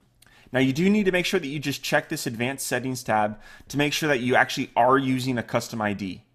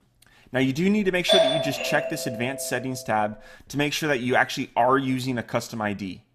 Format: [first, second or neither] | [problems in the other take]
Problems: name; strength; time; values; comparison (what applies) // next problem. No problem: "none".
first | doorbell; loud; from 1.5 to 2.5 s; peak 6 dB above the speech